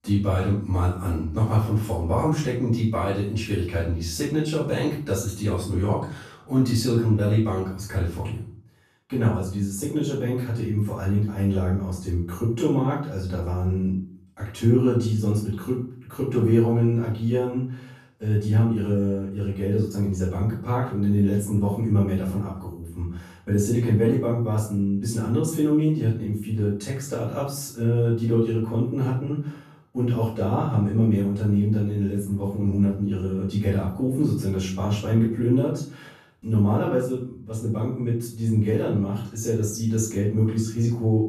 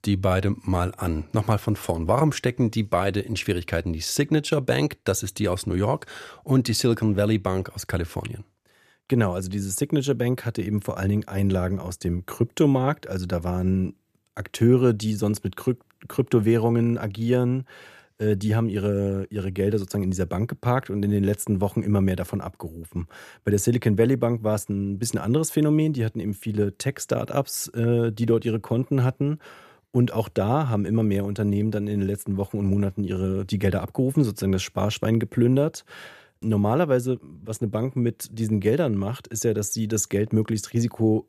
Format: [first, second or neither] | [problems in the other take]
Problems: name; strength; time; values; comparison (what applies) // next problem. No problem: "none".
second | off-mic speech; far // room echo; noticeable; dies away in 0.4 s